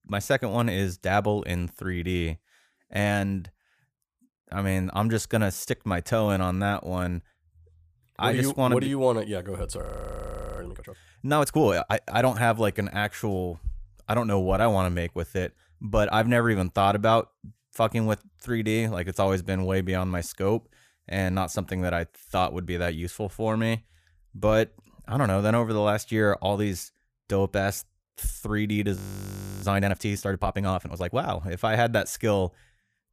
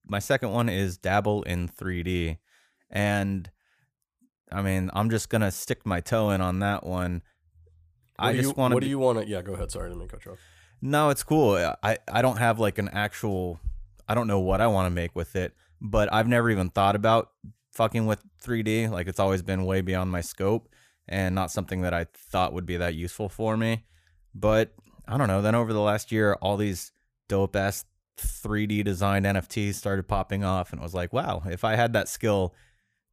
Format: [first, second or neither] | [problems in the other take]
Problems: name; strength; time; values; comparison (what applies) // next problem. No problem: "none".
second | audio freezing; at 10 s for 1 s and at 29 s for 0.5 s